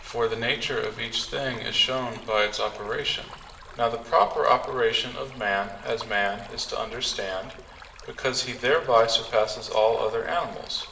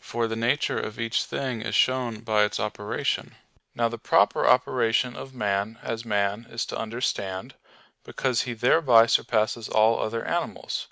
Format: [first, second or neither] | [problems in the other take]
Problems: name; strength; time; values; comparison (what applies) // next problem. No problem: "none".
second | background sound (Stream); 18 dB below the speech // room echo; dies away in 0.8 s